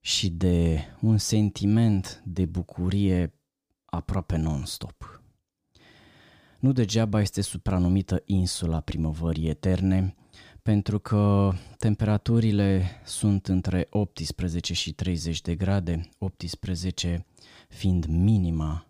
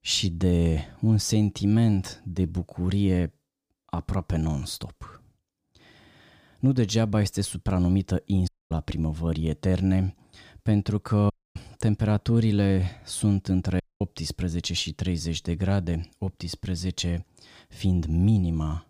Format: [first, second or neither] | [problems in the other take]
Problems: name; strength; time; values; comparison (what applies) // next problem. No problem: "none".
first | audio cutting out; at 8.5 s, at 11 s and at 14 s